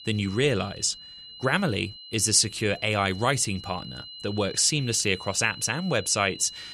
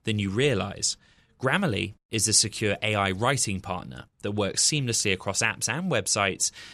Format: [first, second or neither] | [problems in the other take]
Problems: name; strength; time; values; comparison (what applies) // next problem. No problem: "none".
second | high-pitched whine; noticeable; throughout; 4 kHz, 15 dB below the speech